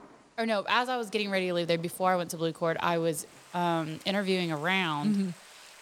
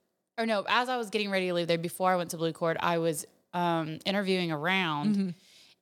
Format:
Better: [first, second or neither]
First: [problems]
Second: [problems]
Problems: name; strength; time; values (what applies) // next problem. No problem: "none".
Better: second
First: rain or running water; faint; throughout; 25 dB below the speech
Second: none